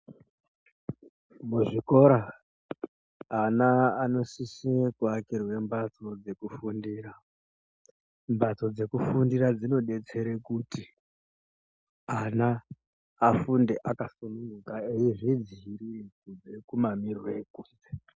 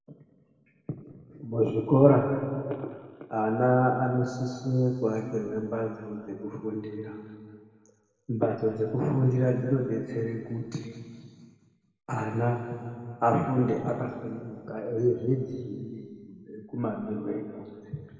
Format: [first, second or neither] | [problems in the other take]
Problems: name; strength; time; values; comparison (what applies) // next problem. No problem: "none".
first | room echo; dies away in 2.1 s